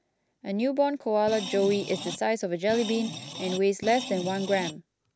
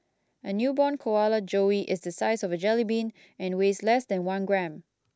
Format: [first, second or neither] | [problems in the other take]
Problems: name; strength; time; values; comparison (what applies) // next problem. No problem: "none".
second | background sound (Screech); 10 dB below the speech